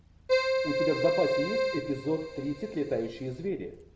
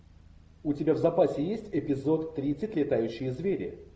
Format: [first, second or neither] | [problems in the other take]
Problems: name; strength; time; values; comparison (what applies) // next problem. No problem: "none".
second | background sound (Keyboard (musical)); 1 dB above the speech